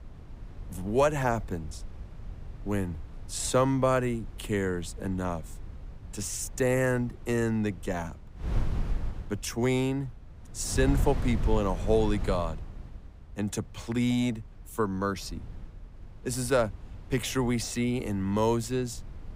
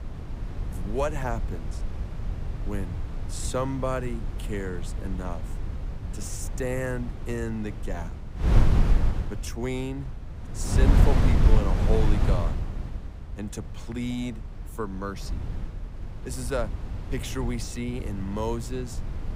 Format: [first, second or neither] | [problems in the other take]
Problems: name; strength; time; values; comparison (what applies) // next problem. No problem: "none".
first | wind noise on the microphone; heavy; 5 dB below the speech; occasional gusts in the first